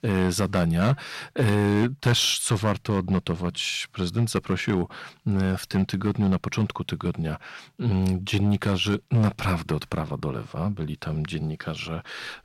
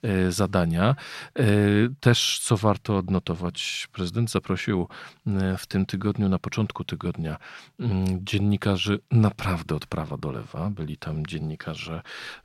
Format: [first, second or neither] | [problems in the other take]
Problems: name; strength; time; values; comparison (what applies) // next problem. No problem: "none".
second | distortion; slight; 4% of the sound clipped